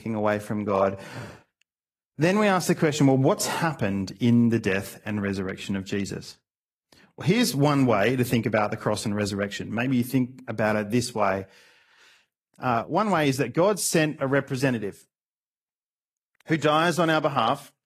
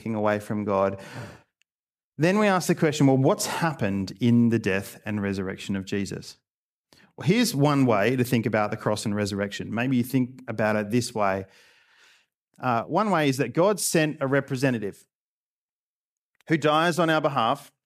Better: second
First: garbled, watery; slightly; nothing above 14.5 kHz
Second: none

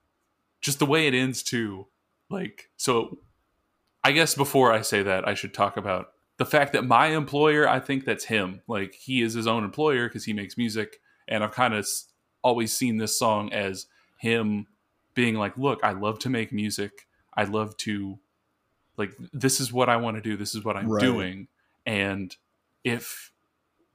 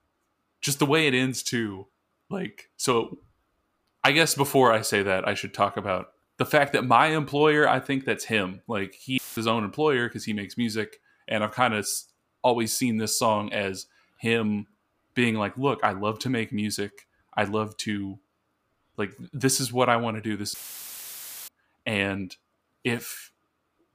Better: first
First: none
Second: audio cutting out; filled with static; at 9 s and at 21 s for 1 s

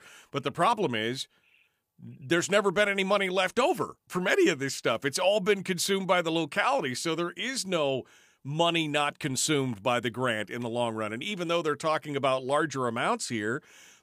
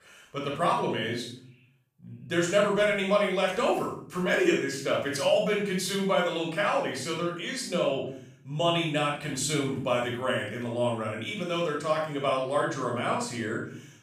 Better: first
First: none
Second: off-mic speech; far // room echo; noticeable; dies away in 0.6 s

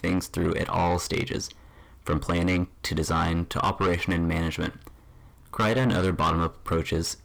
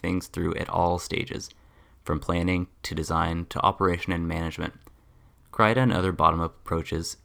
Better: second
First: distortion; heavy; 5 dB below the speech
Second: none

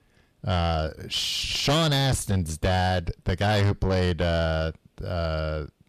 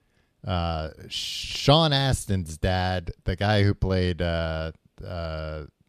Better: second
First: distortion; heavy; 6 dB below the speech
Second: none

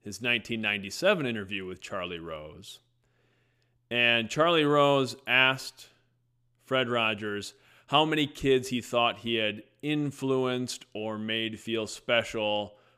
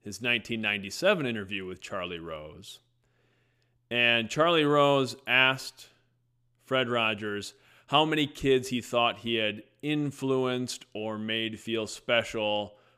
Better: neither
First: none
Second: none

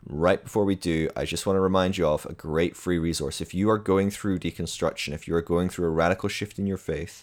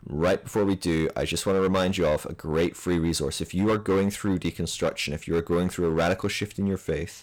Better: first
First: none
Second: distortion; slight; 8% of the sound clipped

